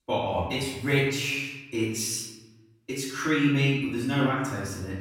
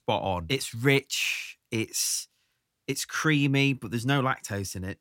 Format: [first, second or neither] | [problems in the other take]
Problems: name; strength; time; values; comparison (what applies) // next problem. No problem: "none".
second | off-mic speech; far // room echo; noticeable; dies away in 1 s